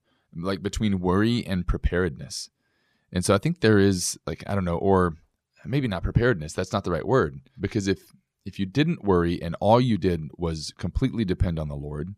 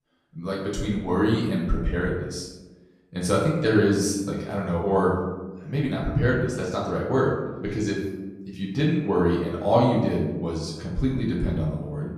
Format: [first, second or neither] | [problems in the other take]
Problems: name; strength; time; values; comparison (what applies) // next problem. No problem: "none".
first | room echo; noticeable; dies away in 0.9 s // off-mic speech; far